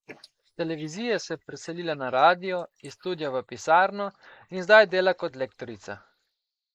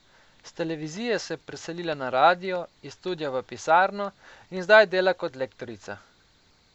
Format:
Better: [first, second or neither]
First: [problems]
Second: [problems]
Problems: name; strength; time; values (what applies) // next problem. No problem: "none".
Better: second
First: noise reduction (neural mask model Resemble Enhance denoiser)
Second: none